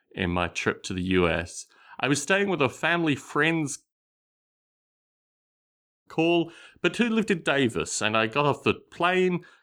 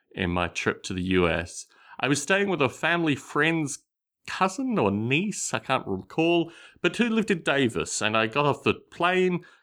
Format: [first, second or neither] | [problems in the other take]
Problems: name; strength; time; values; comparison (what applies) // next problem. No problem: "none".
second | audio cutting out; at 4 s for 2 s